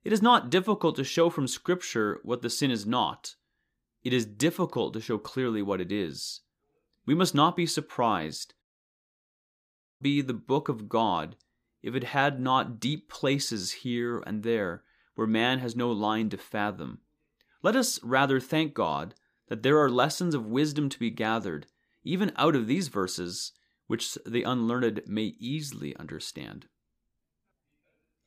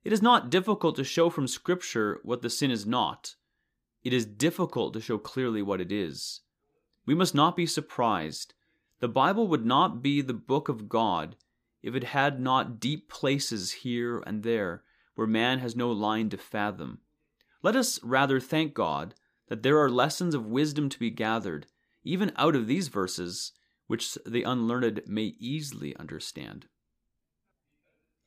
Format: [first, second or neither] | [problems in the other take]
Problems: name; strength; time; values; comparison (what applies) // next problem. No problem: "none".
second | audio cutting out; at 8.5 s for 1.5 s